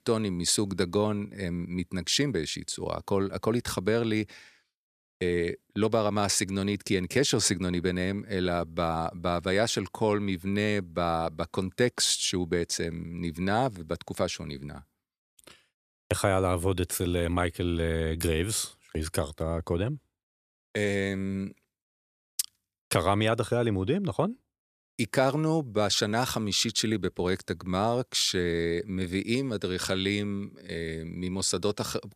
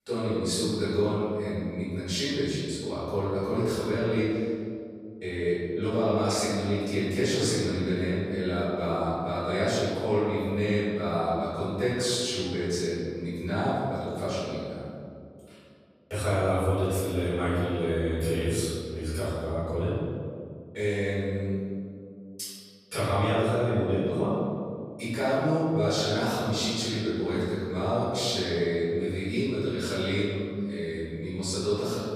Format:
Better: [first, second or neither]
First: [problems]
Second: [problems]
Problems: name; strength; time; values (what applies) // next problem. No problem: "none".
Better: first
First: none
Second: off-mic speech; far // room echo; strong; dies away in 2.1 s